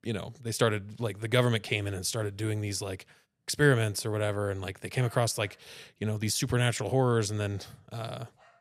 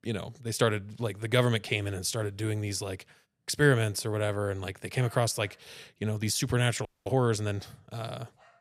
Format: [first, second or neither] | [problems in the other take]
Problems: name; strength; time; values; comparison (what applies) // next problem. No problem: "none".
first | audio freezing; at 7 s